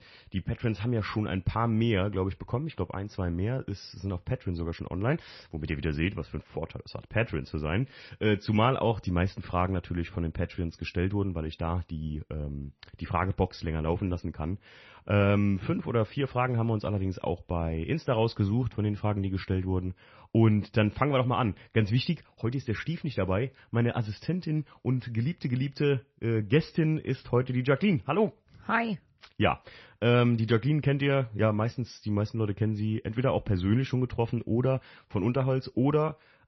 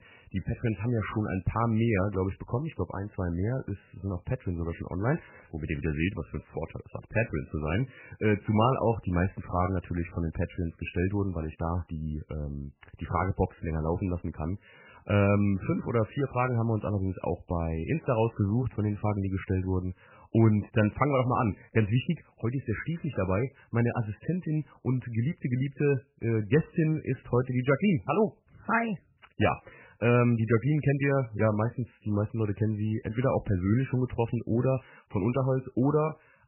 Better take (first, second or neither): first